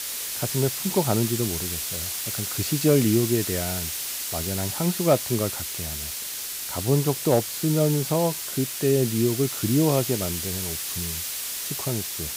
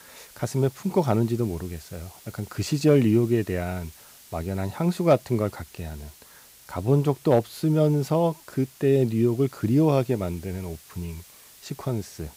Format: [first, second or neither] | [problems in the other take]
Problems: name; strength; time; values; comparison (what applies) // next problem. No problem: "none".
second | hiss; loud; throughout; 3 dB below the speech; faint in the second